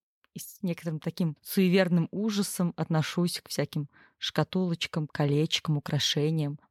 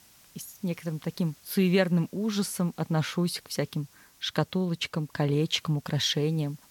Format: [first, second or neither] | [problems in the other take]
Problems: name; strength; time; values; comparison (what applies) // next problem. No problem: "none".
first | hiss; faint; throughout; 25 dB below the speech